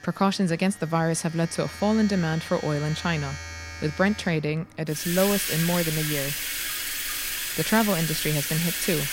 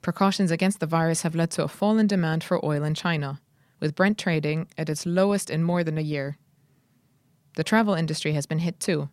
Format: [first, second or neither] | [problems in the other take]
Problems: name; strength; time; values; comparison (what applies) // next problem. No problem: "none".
second | household noises; loud; throughout; 3 dB below the speech